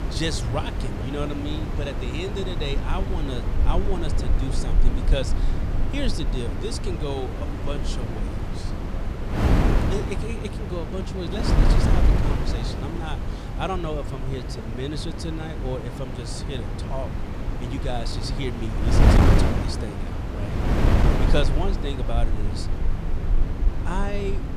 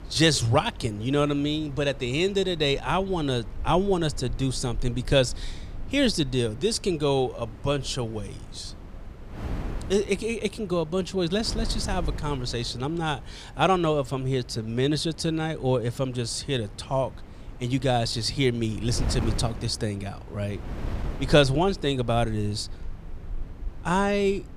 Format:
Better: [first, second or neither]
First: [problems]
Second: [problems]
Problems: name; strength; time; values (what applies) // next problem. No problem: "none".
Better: second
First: wind noise on the microphone; heavy; as loud as the speech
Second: wind noise on the microphone; occasional gusts; 20 dB below the speech